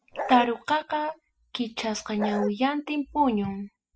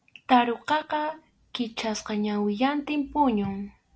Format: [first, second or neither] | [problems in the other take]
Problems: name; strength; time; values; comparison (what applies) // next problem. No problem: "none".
second | noise reduction (classical method spectral subtraction)